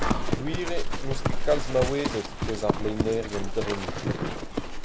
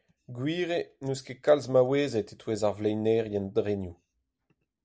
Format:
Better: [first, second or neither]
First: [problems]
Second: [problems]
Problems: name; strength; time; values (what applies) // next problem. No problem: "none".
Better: second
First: background sound (Livestock, farm animals, working animals); 3 dB above the speech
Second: none